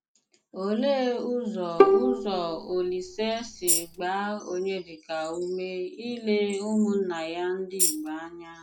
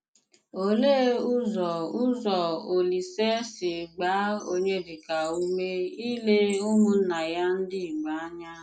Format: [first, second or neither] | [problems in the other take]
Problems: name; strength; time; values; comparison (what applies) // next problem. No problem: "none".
second | background sound (Bowed string instrument + Tambourine); 4 dB above the speech